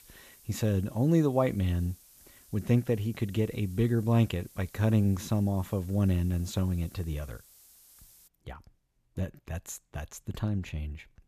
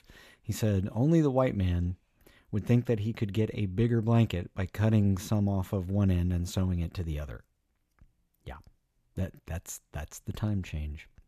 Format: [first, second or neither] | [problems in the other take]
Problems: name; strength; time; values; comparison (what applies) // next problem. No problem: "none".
second | hiss; faint; until 8.5 s; 25 dB below the speech